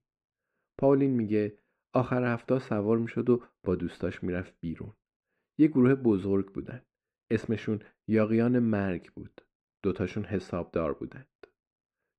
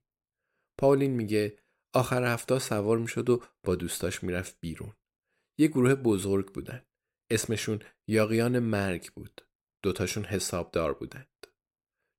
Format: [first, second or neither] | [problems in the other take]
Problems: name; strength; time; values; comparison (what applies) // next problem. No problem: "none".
second | muffled; very; fading above 2 kHz